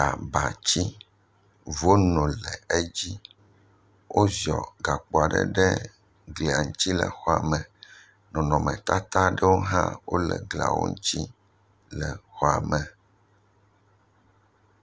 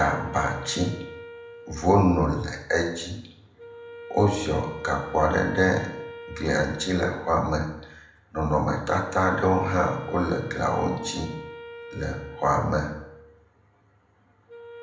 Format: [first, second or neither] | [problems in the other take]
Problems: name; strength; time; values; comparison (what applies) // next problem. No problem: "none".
first | background sound (Wind instrument, woodwind instrument); 16 dB below the speech // room echo; dies away in 0.7 s